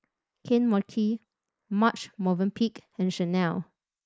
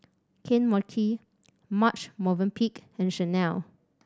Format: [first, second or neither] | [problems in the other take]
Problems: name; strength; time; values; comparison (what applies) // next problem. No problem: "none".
second | noise reduction (neural mask model Resemble Enhance denoiser)